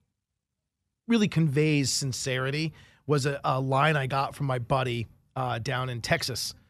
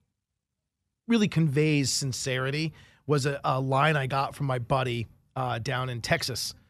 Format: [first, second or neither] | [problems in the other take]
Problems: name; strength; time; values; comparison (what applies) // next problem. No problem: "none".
neither | none